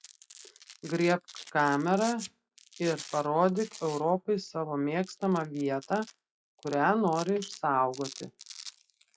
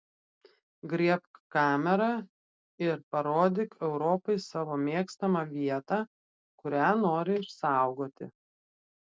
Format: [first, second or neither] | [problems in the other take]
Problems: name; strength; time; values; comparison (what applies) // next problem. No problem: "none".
second | noise reduction (classical method log-MMSE)